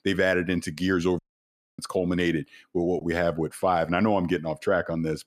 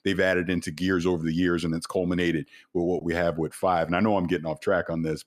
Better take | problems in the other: second | audio cutting out; at 1 s for 0.5 s

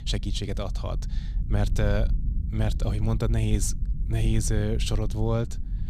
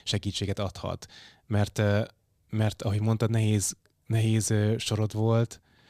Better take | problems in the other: second | low rumble; noticeable; throughout; 15 dB below the speech

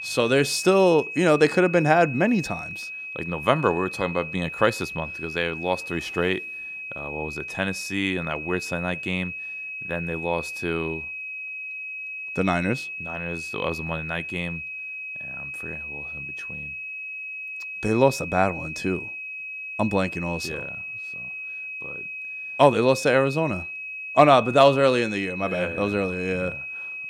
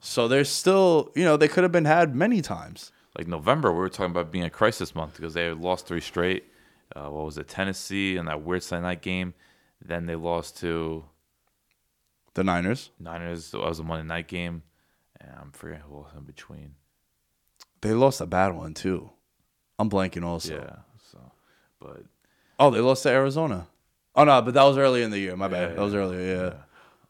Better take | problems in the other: second | high-pitched whine; loud; throughout; 2.5 kHz, 8 dB below the speech

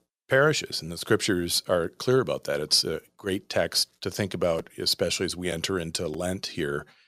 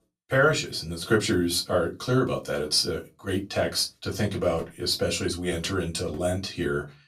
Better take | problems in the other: first | off-mic speech; far // room echo; very slight; dies away in 0.2 s

